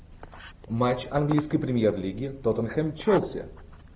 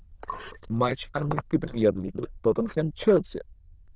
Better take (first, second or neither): first